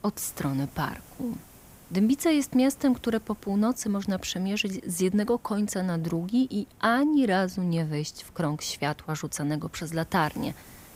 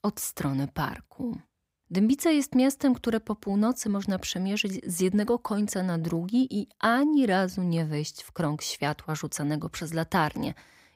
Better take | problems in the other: second | hiss; faint; throughout; 25 dB below the speech

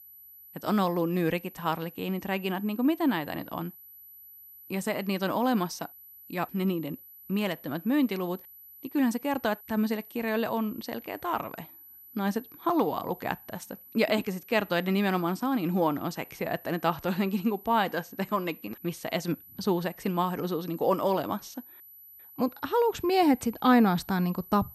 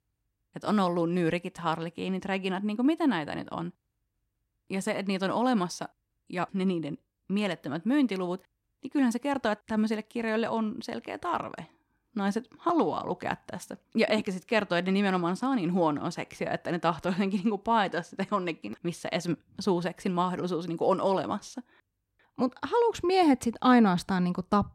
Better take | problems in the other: second | high-pitched whine; noticeable; throughout; 12 kHz, 20 dB below the speech

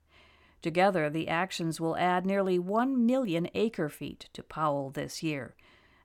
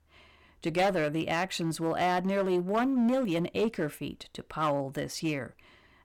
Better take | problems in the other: first | distortion; slight; 7% of the sound clipped

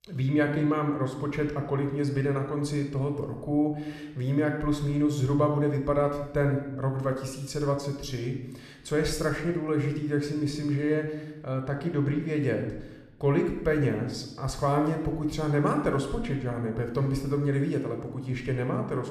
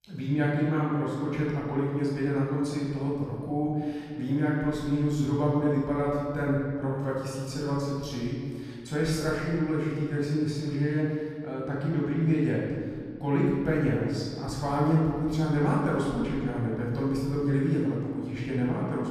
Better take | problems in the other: first | room echo; strong; dies away in 1.9 s; slight in the first // off-mic speech; far

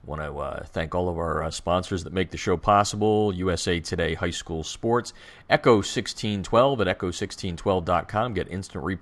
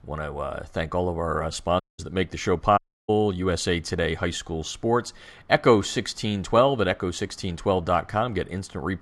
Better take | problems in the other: first | audio cutting out; at 2 s and at 3 s

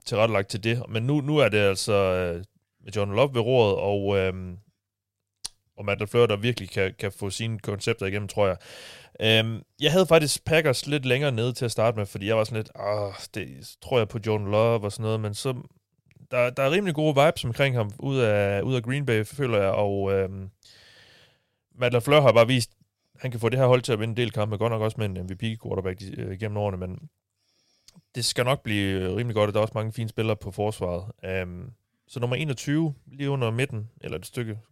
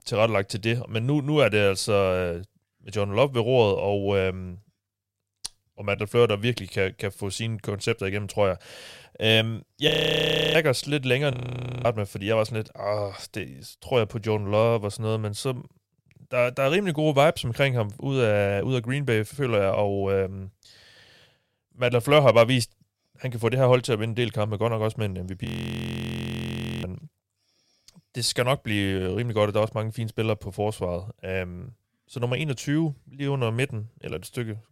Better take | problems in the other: first | audio freezing; at 10 s for 0.5 s, at 11 s for 0.5 s and at 25 s for 1.5 s

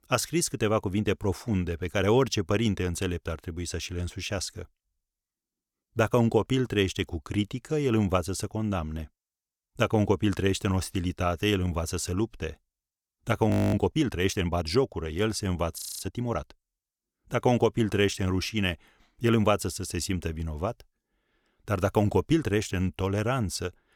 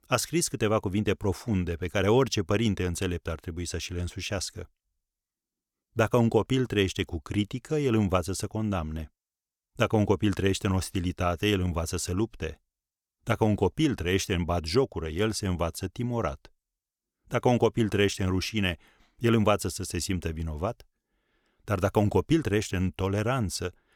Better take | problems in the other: second | audio freezing; at 14 s and at 16 s

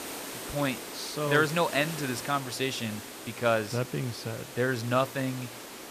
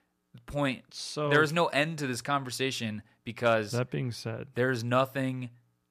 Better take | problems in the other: second | hiss; loud; throughout; 10 dB below the speech

